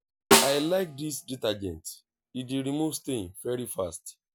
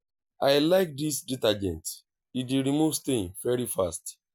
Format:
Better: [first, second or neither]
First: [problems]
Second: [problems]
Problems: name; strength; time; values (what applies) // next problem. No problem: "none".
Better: second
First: background sound (Snare drum); 2 dB above the speech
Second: none